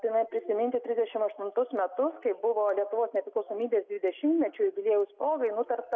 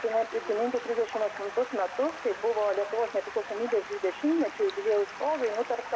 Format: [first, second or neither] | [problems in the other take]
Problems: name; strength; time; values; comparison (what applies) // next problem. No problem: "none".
first | background sound (Stream); 12 dB below the speech